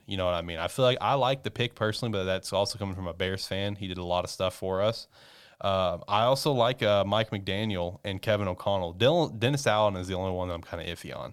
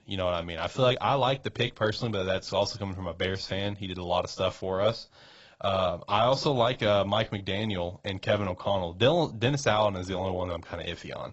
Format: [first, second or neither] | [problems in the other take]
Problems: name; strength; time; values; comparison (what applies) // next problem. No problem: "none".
first | garbled, watery; badly; nothing above 7.5 kHz